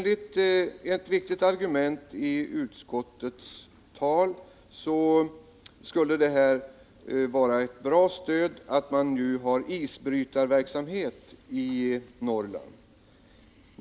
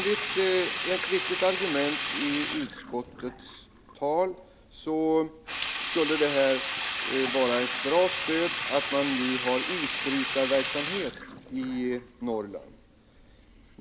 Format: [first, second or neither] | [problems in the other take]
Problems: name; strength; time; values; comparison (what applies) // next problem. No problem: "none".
first | background sound (Sink (filling or washing)); 5 dB below the speech